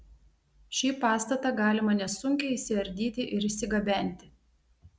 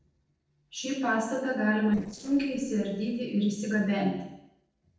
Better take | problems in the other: first | noise reduction (neural separator model SepFormer DNS4)

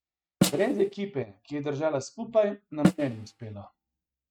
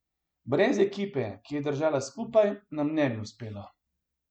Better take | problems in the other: second | noise reduction (neural mask model RNNoise)

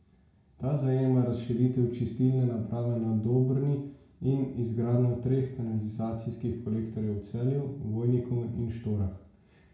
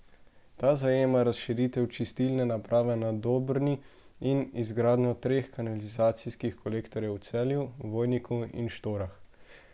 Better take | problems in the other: second | room echo; dies away in 0.6 s

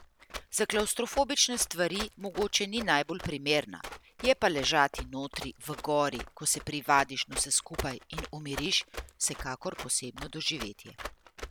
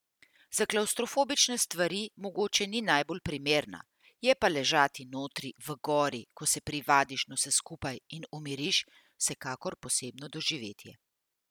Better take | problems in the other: second | background sound (Run); 13 dB below the speech

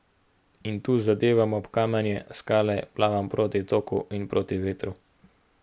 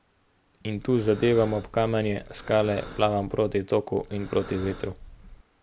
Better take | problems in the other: first | background sound (Breathing); 16 dB below the speech

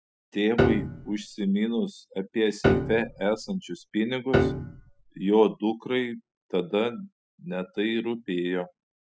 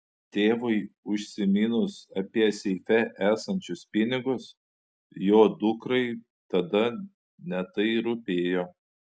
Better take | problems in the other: second | noise reduction (classical method spectral subtraction)

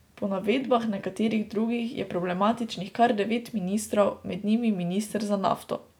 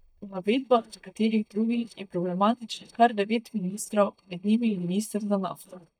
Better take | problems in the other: first | noise reduction (neural mask model DeepFilterNet 3)

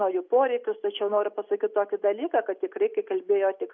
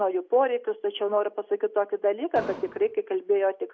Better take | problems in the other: first | background sound (Explosion); 12 dB below the speech

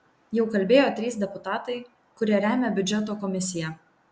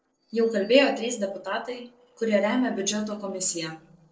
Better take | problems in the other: first | noise reduction (neural separator model SepFormer DNS4)

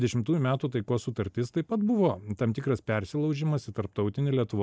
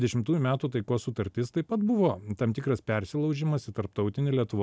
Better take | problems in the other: second | noise reduction (neural mask model Resemble Enhance denoiser)

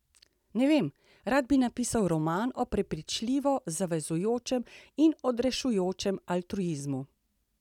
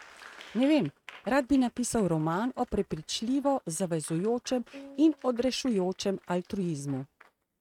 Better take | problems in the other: first | noise reduction (neural mask model RNNoise)

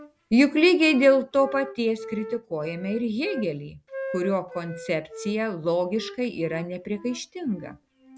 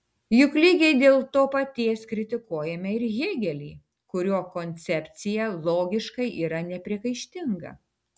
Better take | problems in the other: second | background sound (Wind instrument, woodwind instrument); 15 dB below the speech

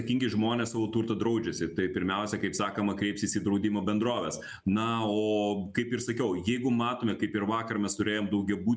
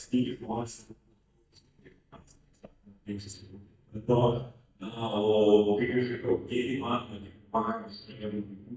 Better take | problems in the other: first | noise reduction (neural mask model DeepFilterNet 3)

